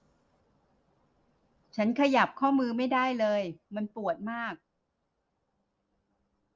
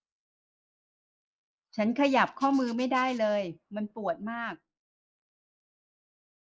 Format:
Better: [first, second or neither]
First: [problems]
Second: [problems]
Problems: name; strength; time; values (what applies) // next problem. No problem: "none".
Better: first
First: none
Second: noise reduction (neural mask model Resemble Enhance denoiser)